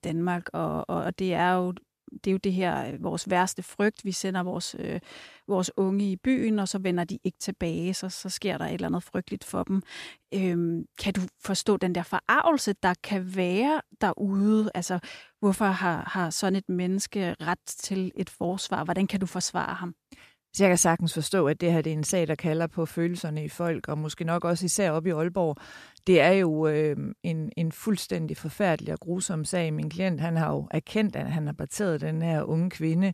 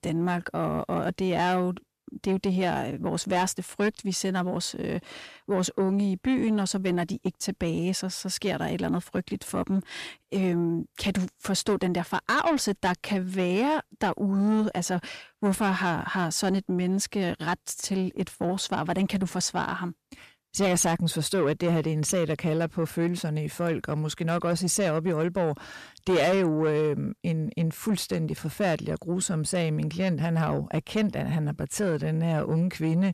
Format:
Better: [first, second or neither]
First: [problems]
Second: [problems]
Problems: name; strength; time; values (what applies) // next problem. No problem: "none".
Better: first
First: none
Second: distortion; slight; 10 dB below the speech